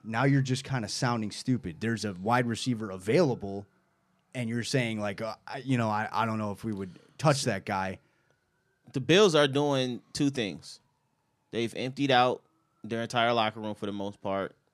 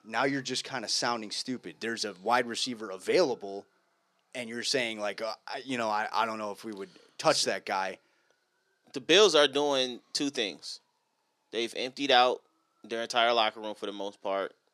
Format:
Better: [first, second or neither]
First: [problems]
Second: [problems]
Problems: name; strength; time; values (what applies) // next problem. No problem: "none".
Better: first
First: none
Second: thin; somewhat; fading below 400 Hz